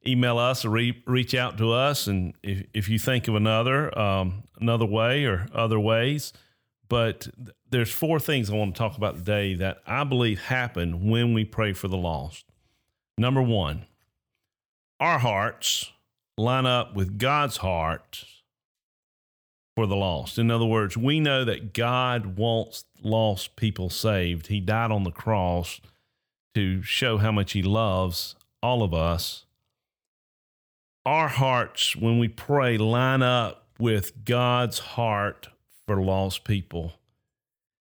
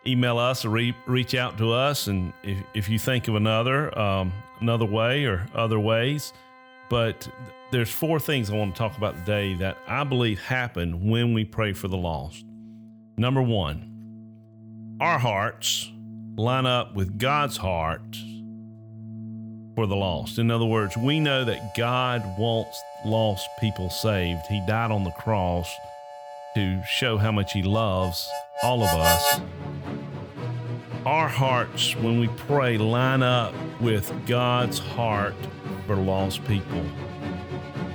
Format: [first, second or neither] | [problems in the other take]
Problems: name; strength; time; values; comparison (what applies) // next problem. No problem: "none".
first | background music; loud; throughout; 9 dB below the speech